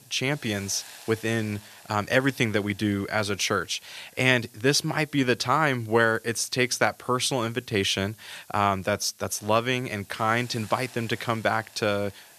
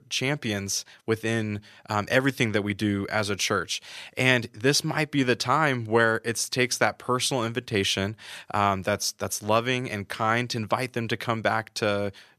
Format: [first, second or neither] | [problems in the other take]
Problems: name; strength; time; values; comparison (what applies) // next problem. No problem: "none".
second | hiss; faint; throughout; 25 dB below the speech